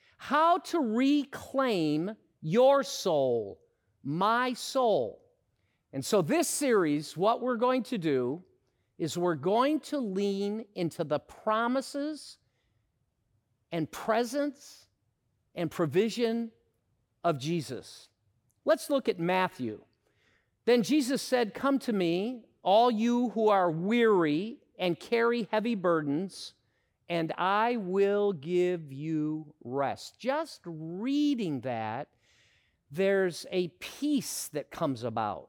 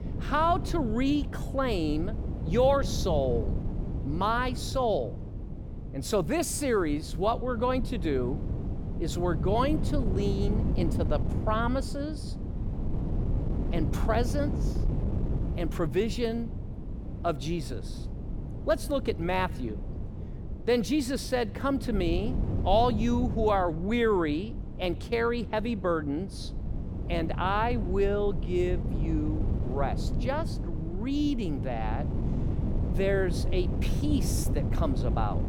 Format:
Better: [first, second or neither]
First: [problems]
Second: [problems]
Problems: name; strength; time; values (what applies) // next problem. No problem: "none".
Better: first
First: none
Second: wind noise on the microphone; occasional gusts; 15 dB below the speech